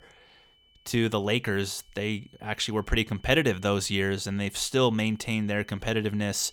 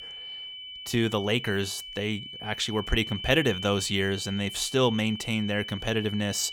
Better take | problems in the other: first | high-pitched whine; loud; throughout; 3 kHz, 9 dB below the speech; faint in the first

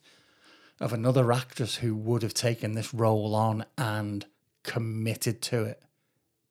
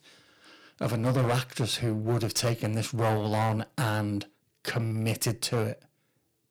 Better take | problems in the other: first | distortion; heavy; 9% of the sound clipped

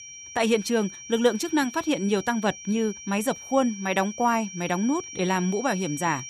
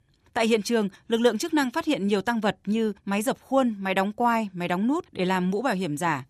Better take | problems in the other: second | high-pitched whine; noticeable; throughout; 5.5 kHz, 15 dB below the speech

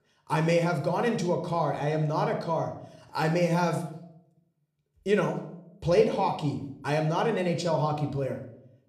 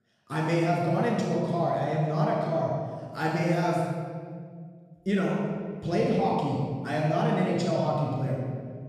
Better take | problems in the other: first | room echo; strong; dies away in 1.7 s; slight in the first // off-mic speech; far

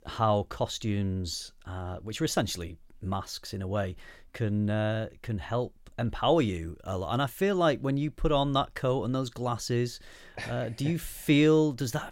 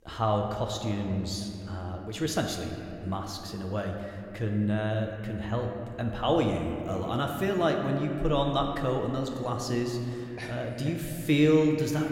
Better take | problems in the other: first | room echo; slight; dies away in 2.5 s

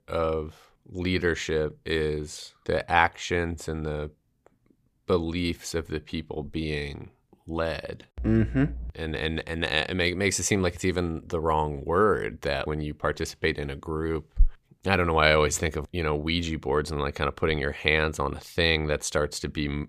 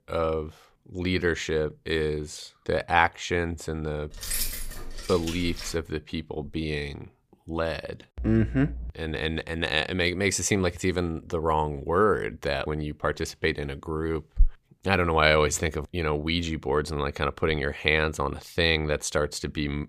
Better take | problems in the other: first | jangling keys; noticeable; from 4 to 5.5 s; peak 1 dB below the speech

